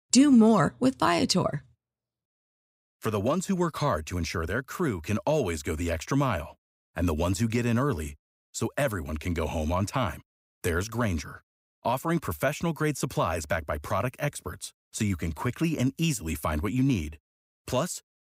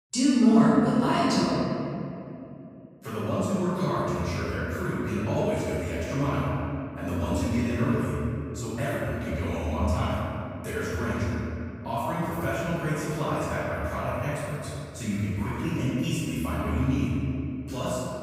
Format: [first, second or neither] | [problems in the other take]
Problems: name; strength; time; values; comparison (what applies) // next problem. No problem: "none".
first | off-mic speech; far // room echo; strong; dies away in 2.5 s